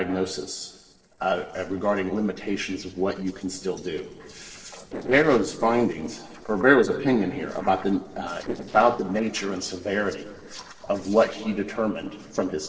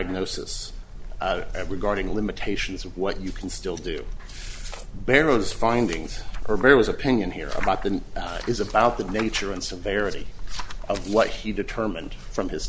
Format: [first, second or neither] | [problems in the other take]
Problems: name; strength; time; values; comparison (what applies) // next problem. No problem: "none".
second | noise reduction (neural separator model SepFormer DNS4)